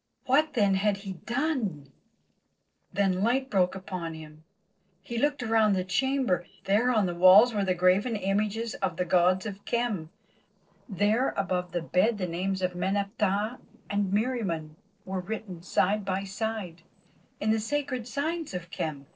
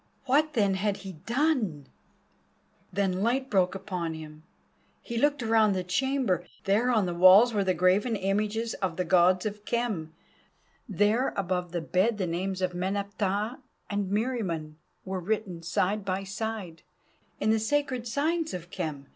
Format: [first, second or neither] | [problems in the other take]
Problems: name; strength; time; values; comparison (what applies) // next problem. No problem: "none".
second | noise reduction (neural separator model SepFormer DNS4)